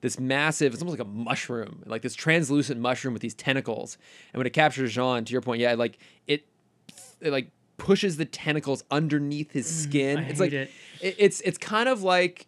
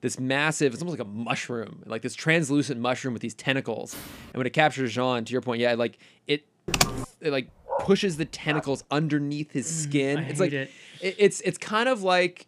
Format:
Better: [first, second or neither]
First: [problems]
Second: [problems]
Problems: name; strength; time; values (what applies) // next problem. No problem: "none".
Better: first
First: none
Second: footsteps; faint; at 4 s; peak 15 dB below the speech // keyboard typing; loud; at 6.5 s; peak 3 dB above the speech // dog barking; noticeable; at 7.5 s; peak 6 dB below the speech